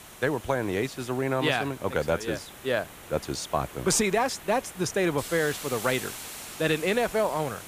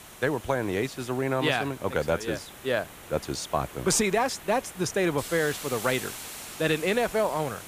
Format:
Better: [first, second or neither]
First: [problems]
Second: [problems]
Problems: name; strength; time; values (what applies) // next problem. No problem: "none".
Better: neither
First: hiss; noticeable; throughout; 15 dB below the speech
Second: hiss; noticeable; throughout; 15 dB below the speech